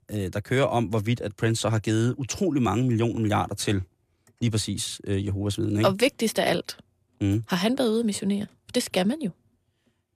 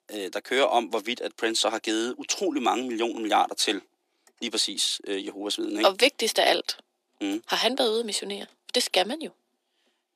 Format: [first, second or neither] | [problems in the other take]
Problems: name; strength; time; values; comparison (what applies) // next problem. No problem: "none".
first | thin; somewhat; fading below 300 Hz